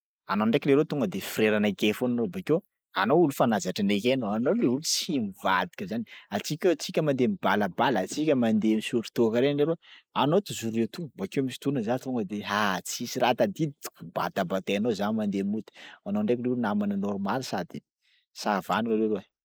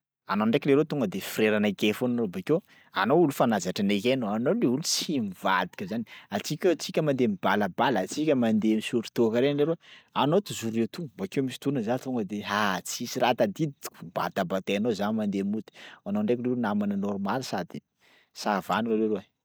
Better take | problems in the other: second | noise reduction (neural mask model Resemble Enhance denoiser)

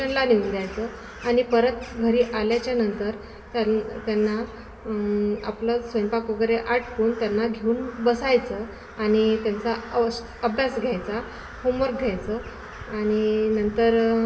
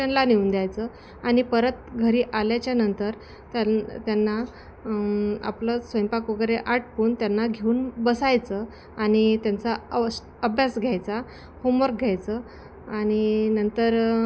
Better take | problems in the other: second | background sound (Crow); 19 dB below the speech // room echo; dies away in 1.2 s

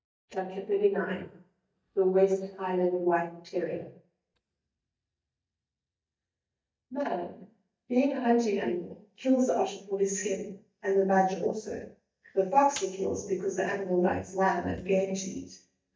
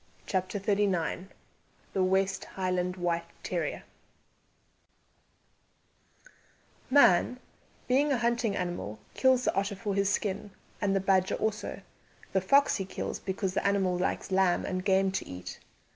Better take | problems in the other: second | noise reduction (neural mask model DeepFilterNet 3)

